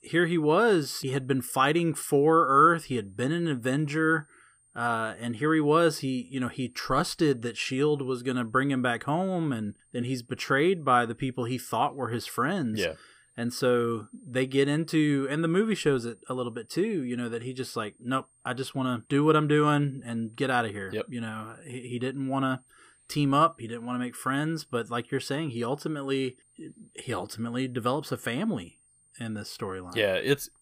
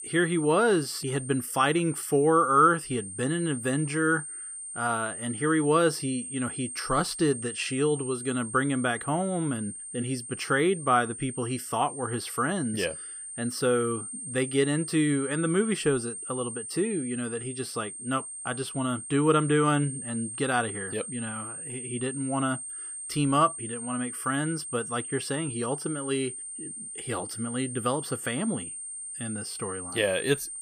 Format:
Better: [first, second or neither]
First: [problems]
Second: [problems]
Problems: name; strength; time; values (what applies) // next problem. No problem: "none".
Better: first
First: high-pitched whine; faint; throughout; 8.5 kHz, 35 dB below the speech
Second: high-pitched whine; loud; throughout; 8.5 kHz, 8 dB below the speech